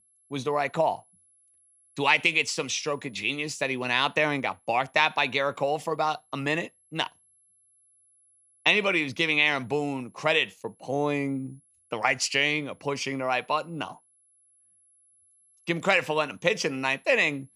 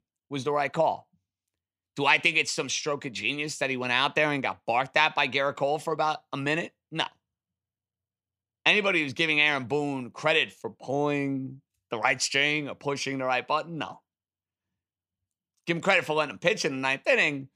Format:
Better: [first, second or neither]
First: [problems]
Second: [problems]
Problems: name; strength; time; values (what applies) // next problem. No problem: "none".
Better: second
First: high-pitched whine; faint; throughout; 11 kHz, 35 dB below the speech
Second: none